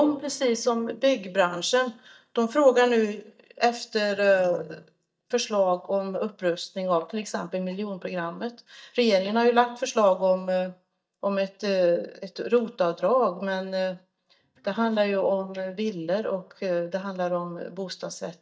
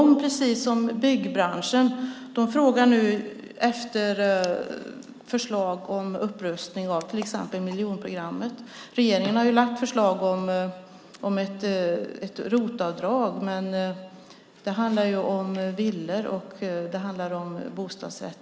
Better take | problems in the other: second | noise reduction (neural mask model DeepFilterNet 3)

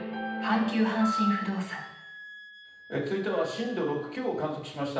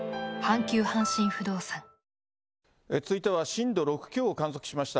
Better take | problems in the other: second | background sound (Wind instrument, woodwind instrument); 19 dB below the speech // room echo; dies away in 0.9 s

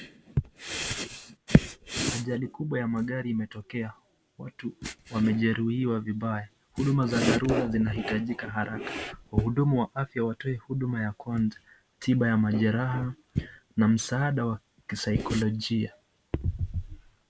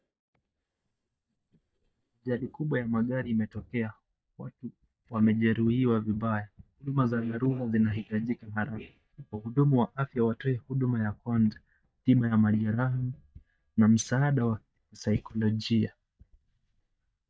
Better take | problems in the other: first | noise reduction (neural mask model DeepFilterNet 3)

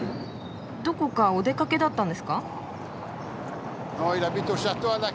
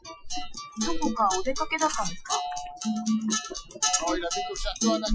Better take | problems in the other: first | noise reduction (classical method Wiener filter)

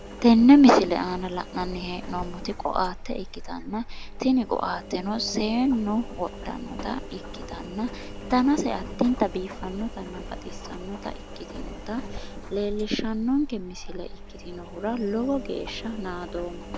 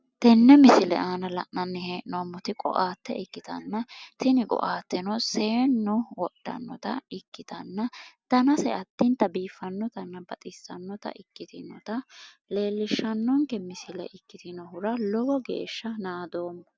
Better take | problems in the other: second | background sound (Engine); 11 dB below the speech

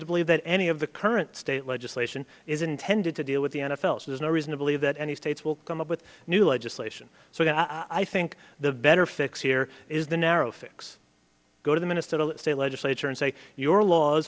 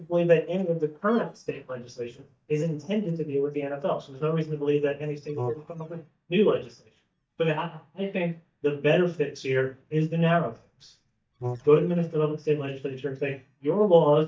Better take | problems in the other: first | noise reduction (neural mask model DeepFilterNet 3)

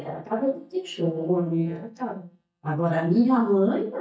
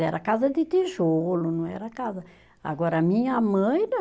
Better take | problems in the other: second | noise reduction (neural mask model DeepFilterNet 3)

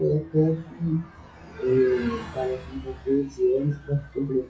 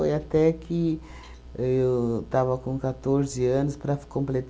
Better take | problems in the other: second | noise reduction (classical method WPE with log-MMSE)

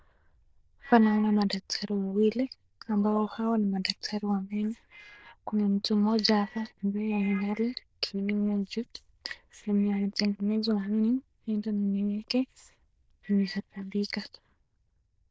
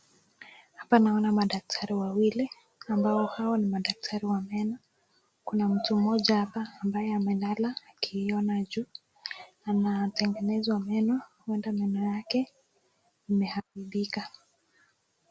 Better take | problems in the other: second | noise reduction (neural diffusion model UNIVERSE++)

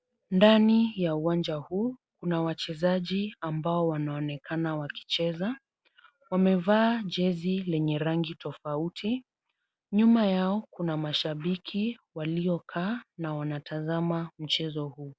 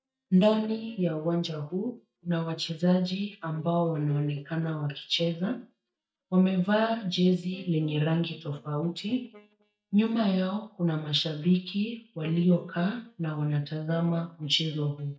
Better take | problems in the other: first | noise reduction (neural mask model DeepFilterNet 3)

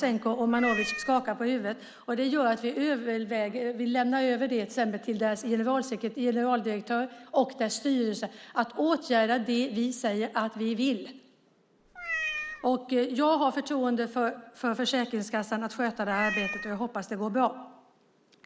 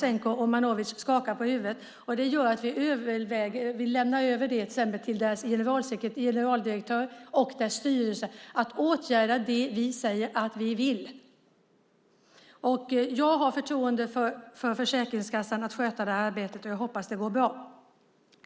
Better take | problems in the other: second | background sound (Meow); 6 dB below the speech

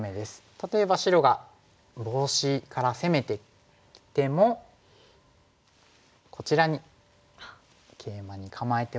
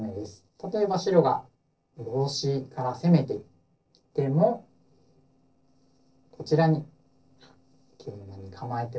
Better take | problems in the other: first | noise reduction (neural separator model SepFormer DNS4)

